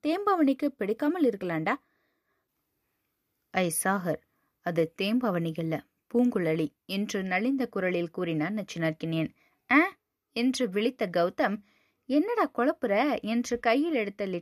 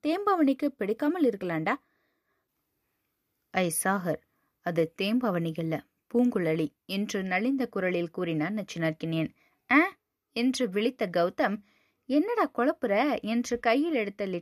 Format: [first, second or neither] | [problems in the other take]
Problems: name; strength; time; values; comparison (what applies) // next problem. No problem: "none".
neither | none